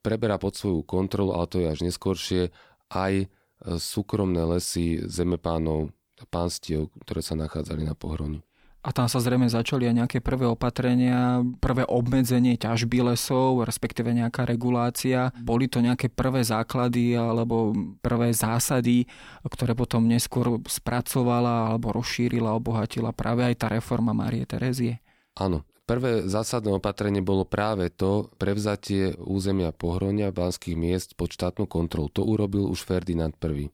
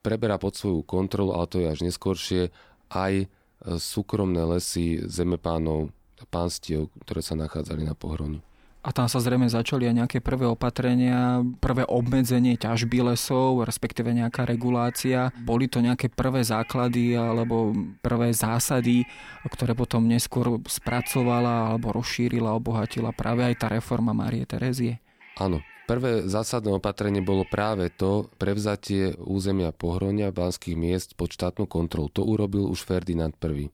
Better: first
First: none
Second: animal sounds; noticeable; throughout; 20 dB below the speech

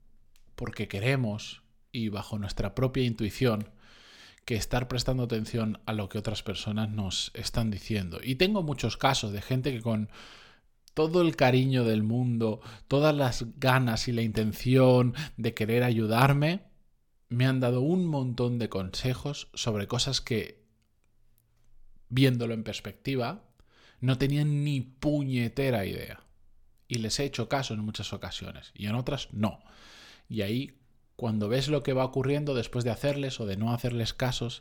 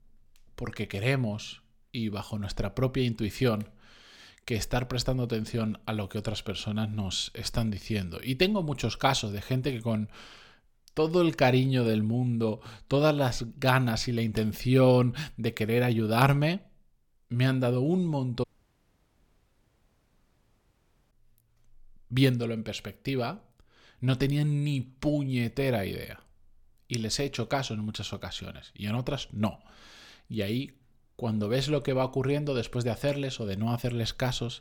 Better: first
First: none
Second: audio cutting out; at 18 s for 2.5 s

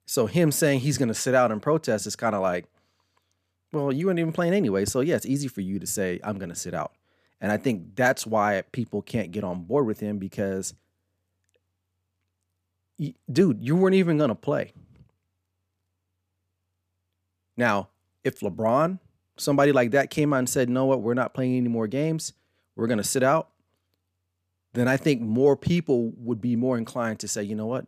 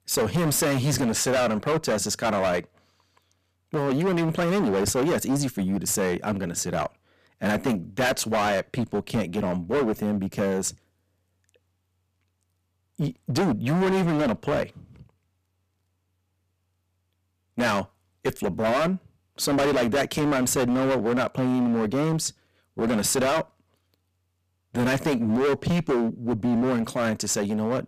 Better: first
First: none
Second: distortion; heavy; 17% of the sound clipped

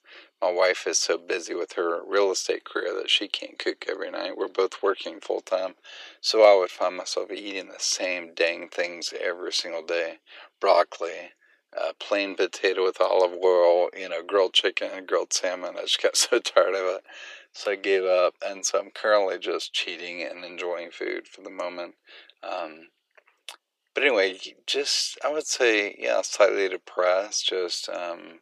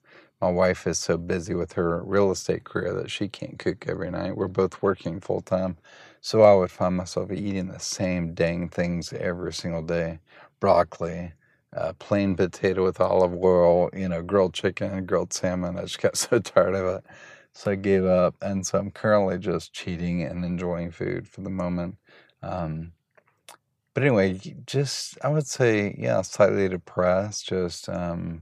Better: second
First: thin; very; fading below 300 Hz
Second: none

